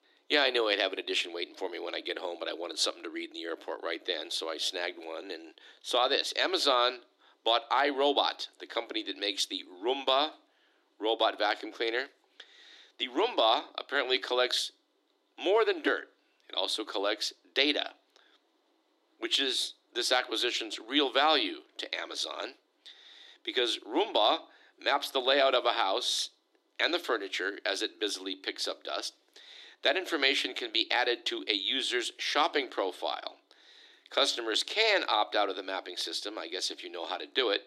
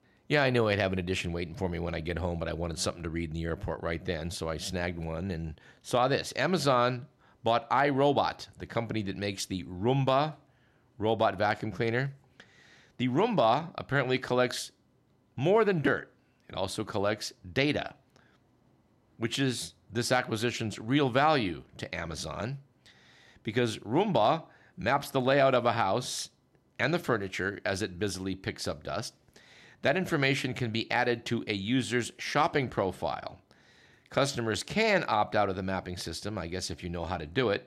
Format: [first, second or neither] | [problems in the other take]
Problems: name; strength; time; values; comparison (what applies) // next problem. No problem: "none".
second | thin; somewhat; fading below 300 Hz